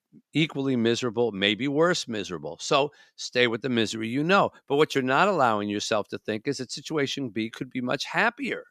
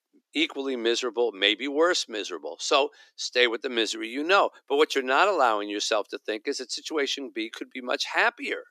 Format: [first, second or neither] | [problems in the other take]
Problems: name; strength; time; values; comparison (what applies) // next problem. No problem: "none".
first | thin; somewhat; fading below 300 Hz